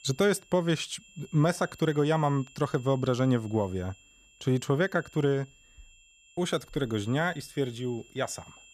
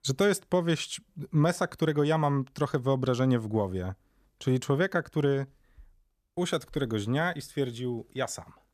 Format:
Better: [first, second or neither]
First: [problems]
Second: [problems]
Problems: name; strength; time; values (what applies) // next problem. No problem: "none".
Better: second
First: high-pitched whine; faint; throughout; 2.5 kHz, 25 dB below the speech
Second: none